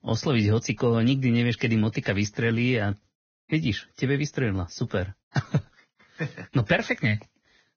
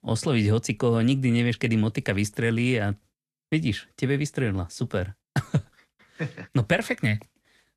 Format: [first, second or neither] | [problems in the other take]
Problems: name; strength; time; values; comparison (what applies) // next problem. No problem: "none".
second | garbled, watery; badly; nothing above 6.5 kHz; slightly in the second